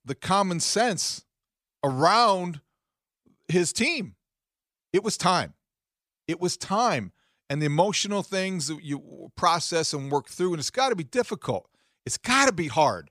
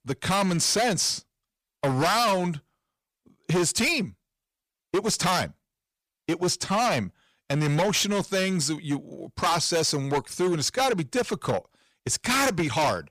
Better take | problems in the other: first | distortion; heavy; 14% of the sound clipped

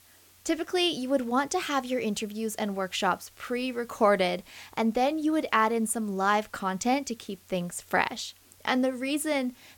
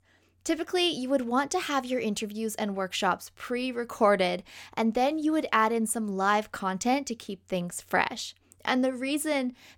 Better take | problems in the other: second | hiss; faint; throughout; 30 dB below the speech

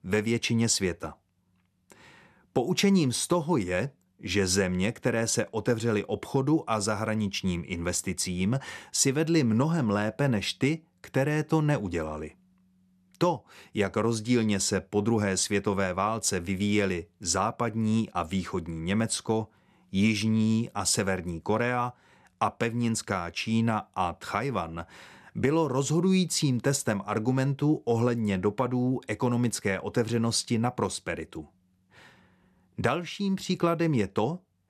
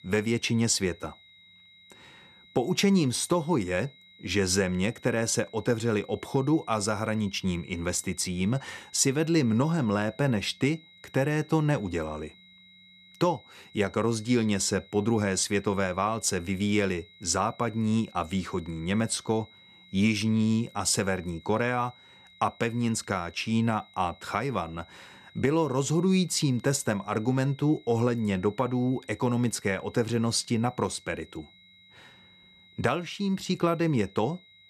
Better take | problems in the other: first | high-pitched whine; faint; throughout; 4 kHz, 25 dB below the speech

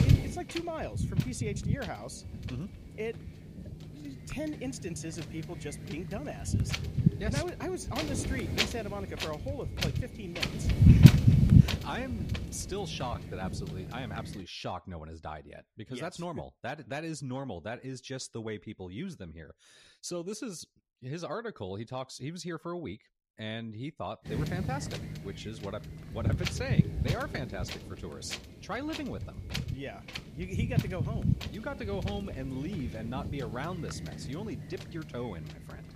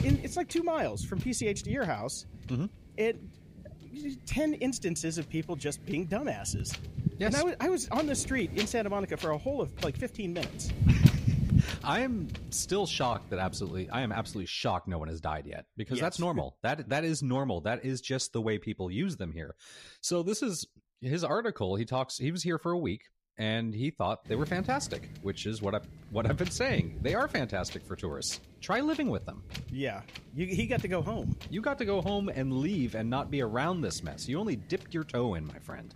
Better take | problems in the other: second | wind noise on the microphone; heavy; until 14 s and from 24 s on; 2 dB above the speech; occasional gusts in the second

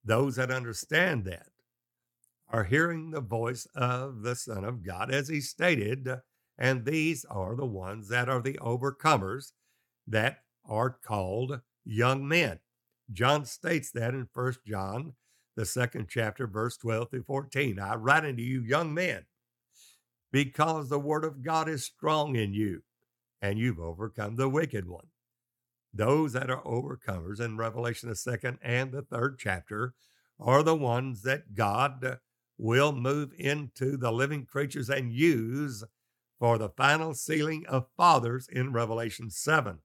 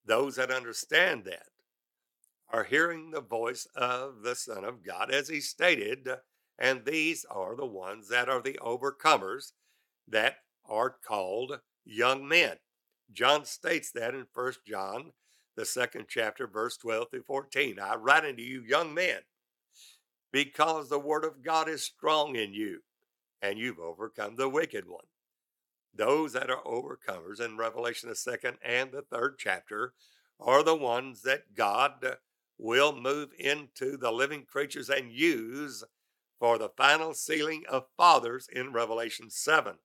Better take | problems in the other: first | thin; somewhat; fading below 450 Hz

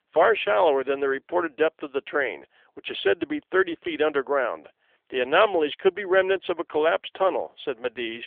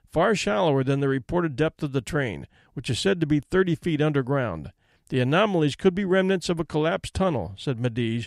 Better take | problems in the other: second | phone-call audio; nothing above 3.5 kHz

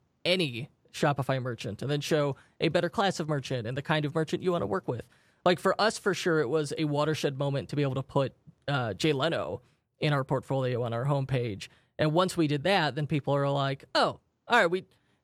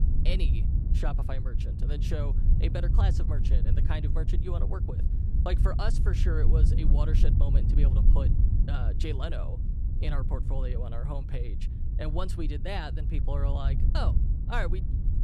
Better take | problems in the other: first | wind noise on the microphone; heavy; 6 dB below the speech

